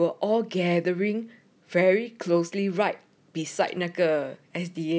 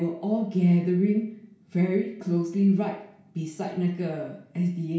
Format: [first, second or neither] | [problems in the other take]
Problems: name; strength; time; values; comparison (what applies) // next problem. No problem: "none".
first | room echo; dies away in 0.6 s